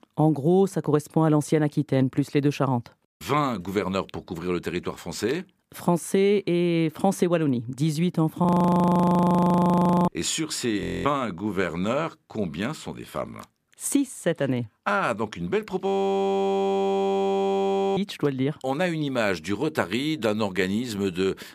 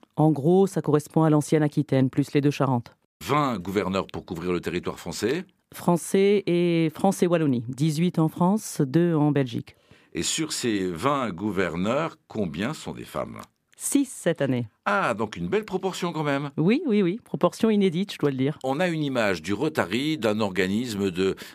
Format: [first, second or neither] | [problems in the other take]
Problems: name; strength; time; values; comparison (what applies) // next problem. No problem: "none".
second | audio freezing; at 8.5 s for 1.5 s, at 11 s and at 16 s for 2 s